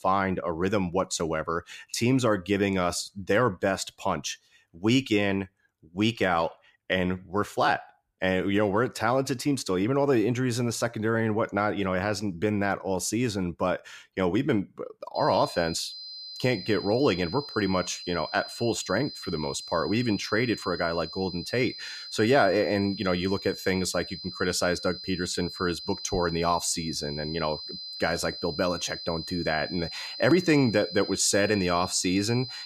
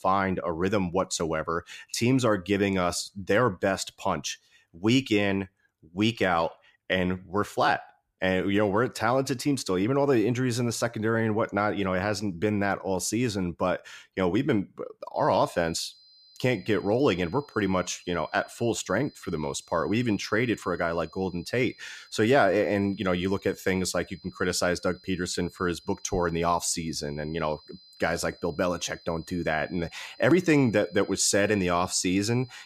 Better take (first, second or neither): second